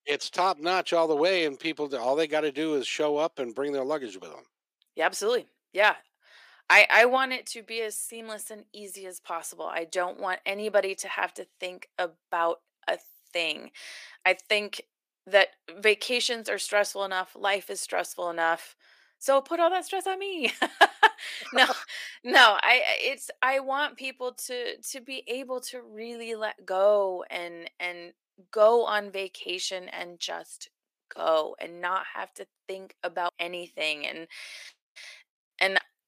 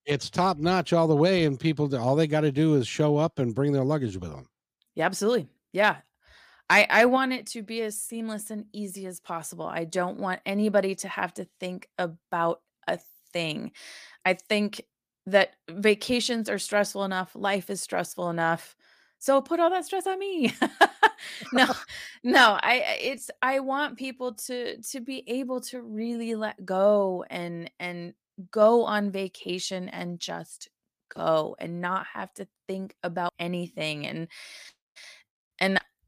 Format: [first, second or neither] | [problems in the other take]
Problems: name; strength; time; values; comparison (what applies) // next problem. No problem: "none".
second | thin; somewhat; fading below 400 Hz